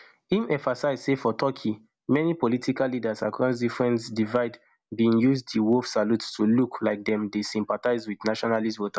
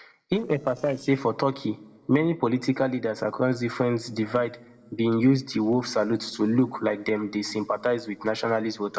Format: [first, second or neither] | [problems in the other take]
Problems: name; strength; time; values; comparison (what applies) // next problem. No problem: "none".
first | noise reduction (neural separator model SepFormer DNS4)